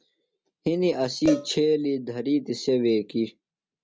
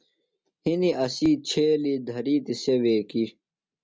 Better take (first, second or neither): second